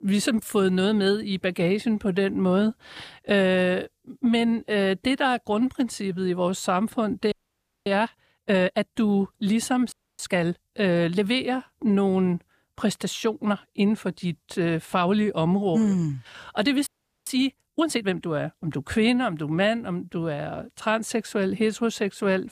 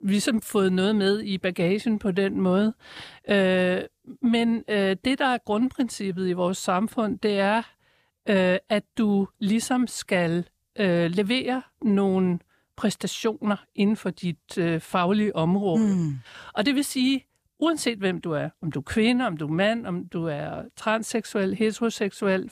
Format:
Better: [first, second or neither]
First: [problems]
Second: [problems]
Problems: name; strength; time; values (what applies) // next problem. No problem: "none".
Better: second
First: audio freezing; at 7.5 s for 0.5 s, at 10 s and at 17 s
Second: none